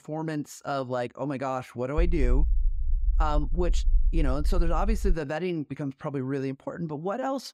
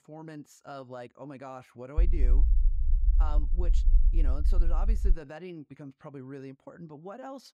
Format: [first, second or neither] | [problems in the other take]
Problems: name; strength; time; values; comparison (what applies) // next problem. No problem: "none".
first | low rumble; loud; from 2 to 5 s; 9 dB below the speech; faint in the first